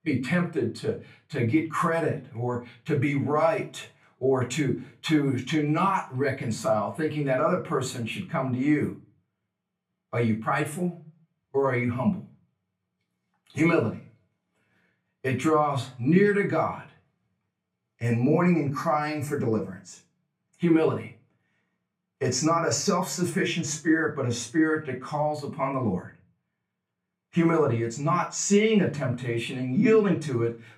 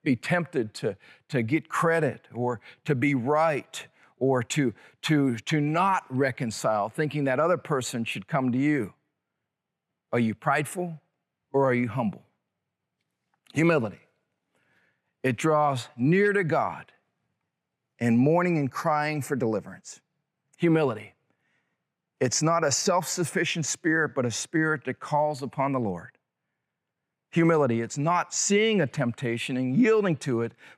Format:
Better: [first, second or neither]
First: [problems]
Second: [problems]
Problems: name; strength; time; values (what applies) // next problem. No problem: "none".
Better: second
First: off-mic speech; far // room echo; very slight; dies away in 0.3 s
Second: none